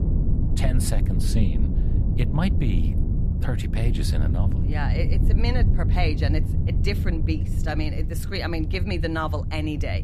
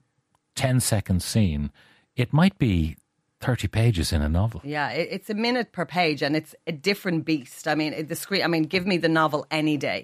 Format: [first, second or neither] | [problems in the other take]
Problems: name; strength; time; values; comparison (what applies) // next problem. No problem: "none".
second | low rumble; loud; throughout; 6 dB below the speech